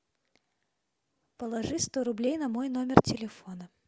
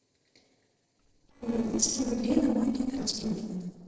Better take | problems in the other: first | noise reduction (neural separator model SepFormer DNS4)

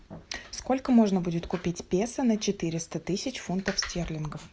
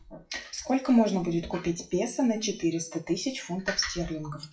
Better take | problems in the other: first | noise reduction (classical method WPE with log-MMSE)

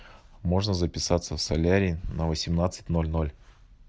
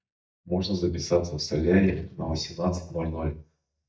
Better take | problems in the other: first | noise reduction (neural mask model DeepFilterNet 3)

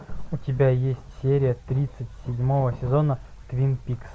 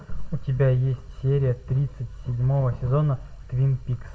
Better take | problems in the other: first | room echo; dies away in 0.8 s

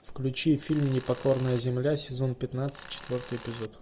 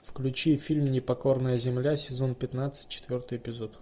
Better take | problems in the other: second | background sound (Tools); 18 dB below the speech

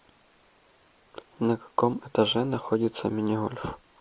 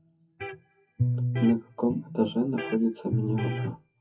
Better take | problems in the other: first | noise reduction (classical method WPE with log-MMSE)

